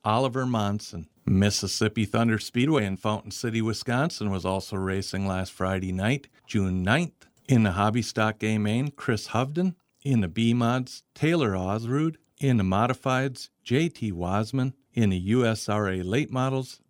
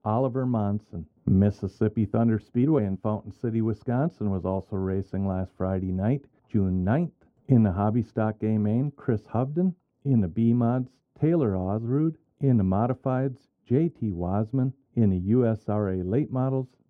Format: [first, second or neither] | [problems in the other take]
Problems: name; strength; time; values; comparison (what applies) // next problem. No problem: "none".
first | muffled; very; fading above 2 kHz